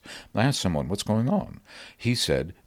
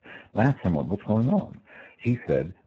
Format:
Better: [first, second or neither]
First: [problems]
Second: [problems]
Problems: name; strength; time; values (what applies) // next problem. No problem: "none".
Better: first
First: none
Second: garbled, watery; badly